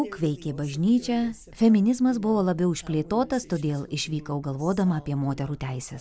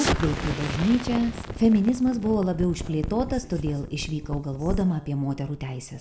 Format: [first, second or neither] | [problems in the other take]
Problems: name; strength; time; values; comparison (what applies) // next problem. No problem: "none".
first | background sound (Explosion); 7 dB below the speech // room echo; dies away in 1 s